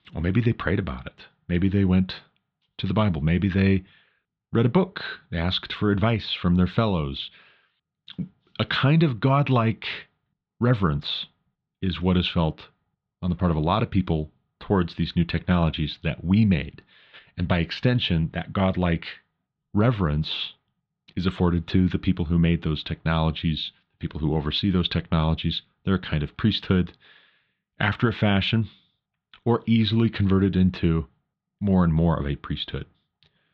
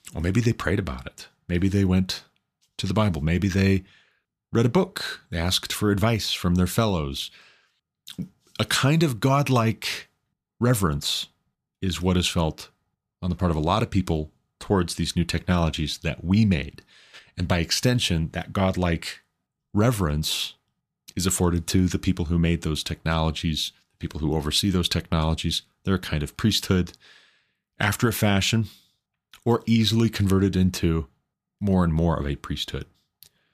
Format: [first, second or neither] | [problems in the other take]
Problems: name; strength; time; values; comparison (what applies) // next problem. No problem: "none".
second | muffled; slightly; fading above 3.5 kHz